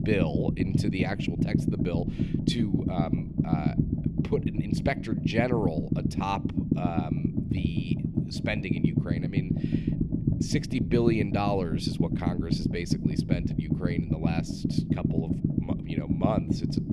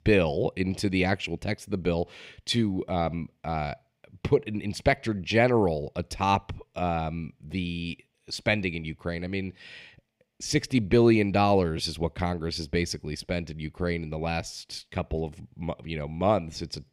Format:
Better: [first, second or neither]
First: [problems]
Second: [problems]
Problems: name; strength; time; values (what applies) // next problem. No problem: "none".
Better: second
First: low rumble; loud; throughout; 2 dB below the speech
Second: none